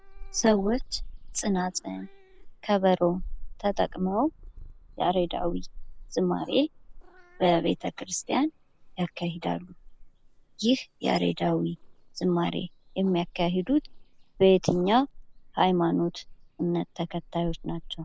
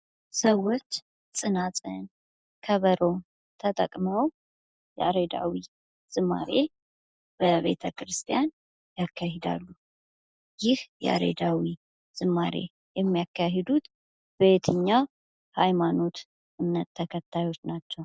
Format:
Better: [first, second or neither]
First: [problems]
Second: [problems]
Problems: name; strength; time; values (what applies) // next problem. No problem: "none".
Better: second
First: background sound (Meow / Purr); 13 dB below the speech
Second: none